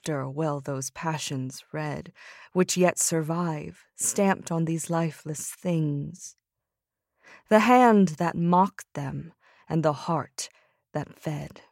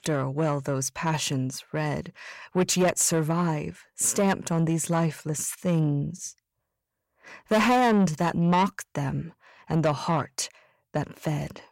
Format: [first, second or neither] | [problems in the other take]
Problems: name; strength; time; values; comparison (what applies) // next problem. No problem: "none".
first | distortion; heavy; 7 dB below the speech